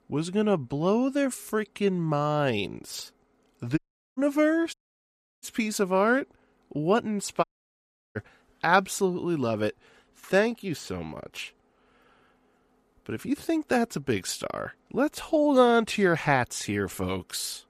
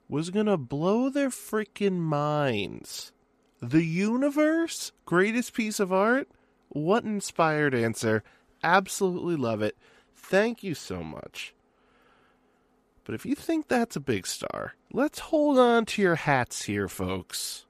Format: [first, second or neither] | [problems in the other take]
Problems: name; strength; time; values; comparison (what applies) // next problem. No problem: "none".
second | audio cutting out; at 4 s, at 4.5 s for 0.5 s and at 7.5 s for 0.5 s